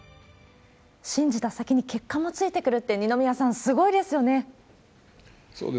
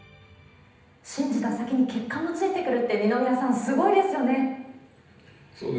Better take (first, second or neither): first